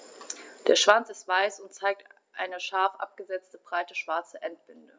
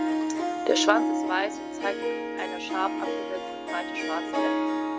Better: first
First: none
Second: background sound (Harp); 2 dB above the speech

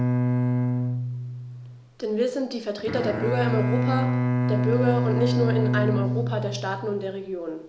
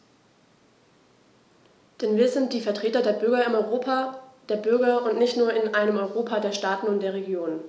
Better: second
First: background sound (Bowed string instrument); 3 dB above the speech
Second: none

